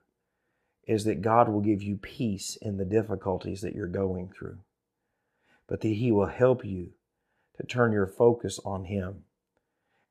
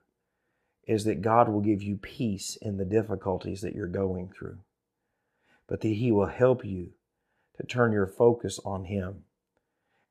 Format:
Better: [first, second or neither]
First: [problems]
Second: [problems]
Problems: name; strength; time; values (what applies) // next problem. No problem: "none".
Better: neither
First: none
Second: none